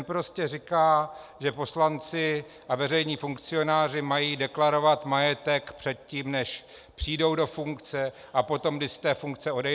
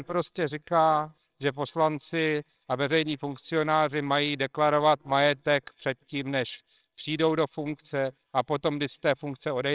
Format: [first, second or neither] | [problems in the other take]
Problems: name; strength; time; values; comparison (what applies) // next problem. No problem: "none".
first | noise reduction (neural separator model SepFormer WHAMR!)